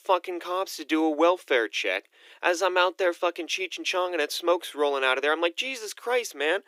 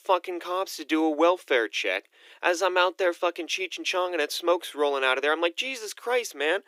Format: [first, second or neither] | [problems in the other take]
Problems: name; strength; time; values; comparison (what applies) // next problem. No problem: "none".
neither | thin; very; fading below 300 Hz; the same in both